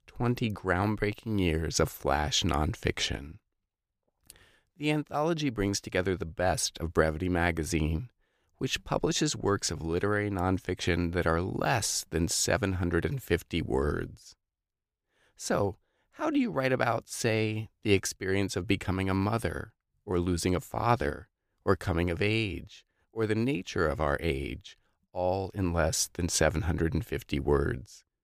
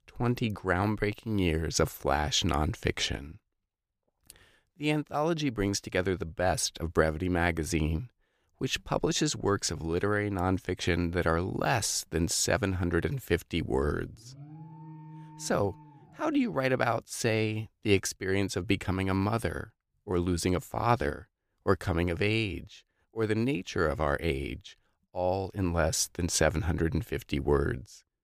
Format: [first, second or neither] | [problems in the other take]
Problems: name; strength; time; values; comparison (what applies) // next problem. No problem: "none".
first | alarm; faint; from 14 to 16 s; peak 15 dB below the speech